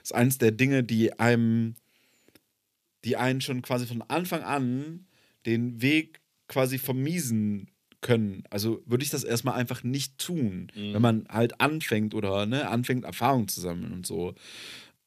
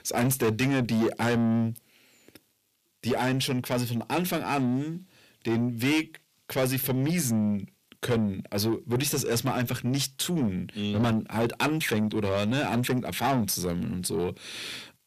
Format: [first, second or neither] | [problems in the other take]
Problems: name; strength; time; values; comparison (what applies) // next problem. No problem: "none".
first | distortion; heavy; 7 dB below the speech